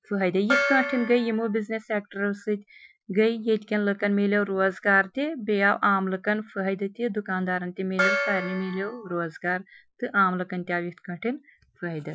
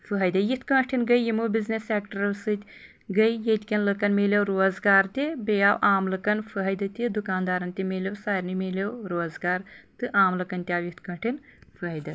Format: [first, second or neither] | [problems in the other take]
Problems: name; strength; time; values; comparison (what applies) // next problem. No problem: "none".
second | noise reduction (classical method Wiener filter)